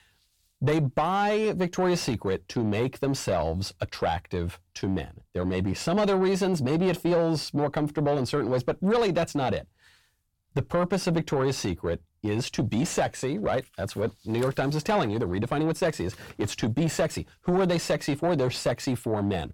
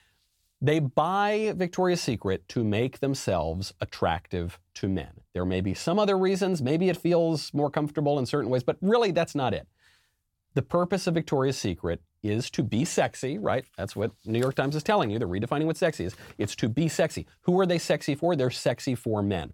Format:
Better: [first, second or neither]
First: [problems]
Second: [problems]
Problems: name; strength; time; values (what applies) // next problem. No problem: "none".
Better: second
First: distortion; slight; 10 dB below the speech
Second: none